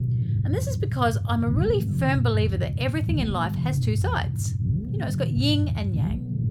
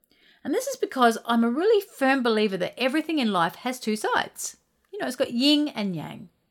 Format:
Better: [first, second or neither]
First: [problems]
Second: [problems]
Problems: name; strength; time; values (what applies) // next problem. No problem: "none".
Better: second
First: low rumble; loud; throughout; 9 dB below the speech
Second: none